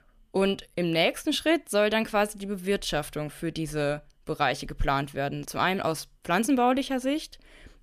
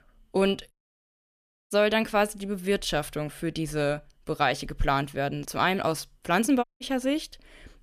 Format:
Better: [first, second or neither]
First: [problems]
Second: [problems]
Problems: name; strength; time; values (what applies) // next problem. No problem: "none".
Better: first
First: none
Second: audio cutting out; at 0.5 s for 1 s and at 6.5 s